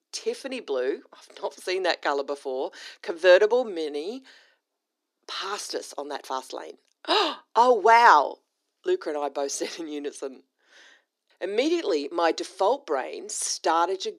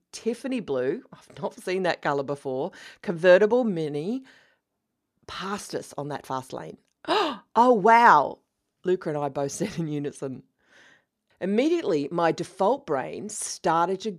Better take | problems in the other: second | thin; somewhat; fading below 300 Hz

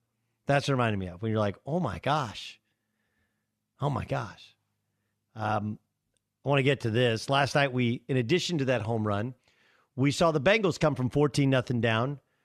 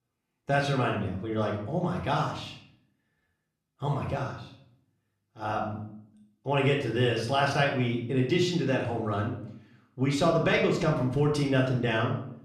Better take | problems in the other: first | off-mic speech; somewhat distant // room echo; noticeable; dies away in 0.6 s

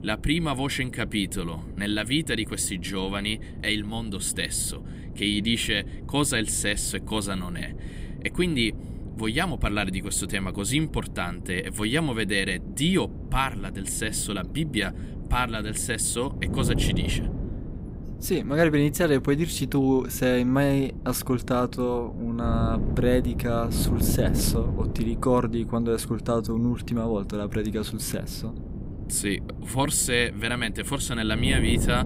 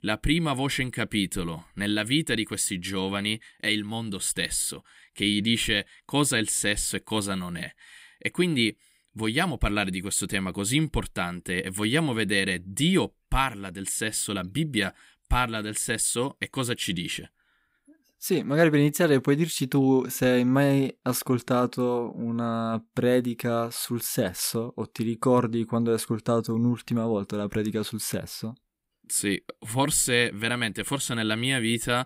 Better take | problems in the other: second | wind noise on the microphone; occasional gusts; 15 dB below the speech

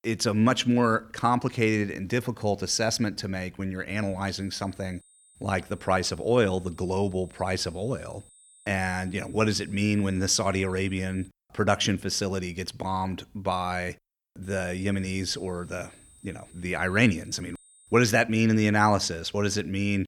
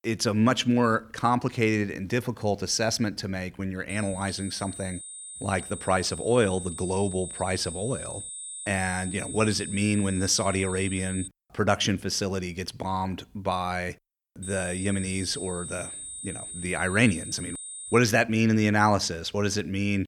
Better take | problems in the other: first | high-pitched whine; loud; from 4 to 11 s and from 14 to 18 s; 8.5 kHz, 9 dB below the speech; faint in the first

